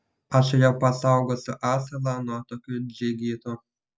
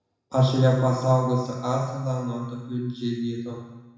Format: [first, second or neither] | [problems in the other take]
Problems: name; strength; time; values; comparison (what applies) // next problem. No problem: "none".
first | room echo; dies away in 1 s